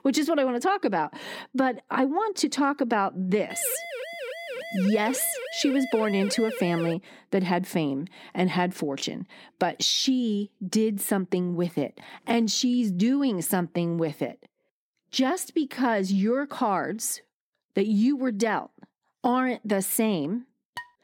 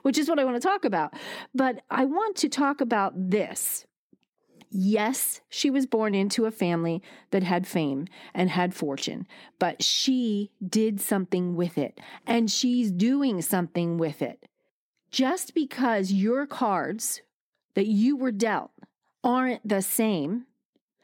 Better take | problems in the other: second | siren; noticeable; from 3.5 to 7 s; peak 8 dB below the speech // clattering dishes; faint; at 20 s; peak 15 dB below the speech

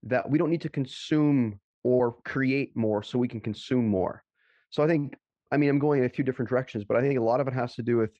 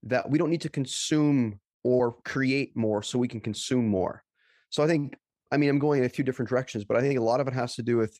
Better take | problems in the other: second | muffled; slightly; fading above 3 kHz

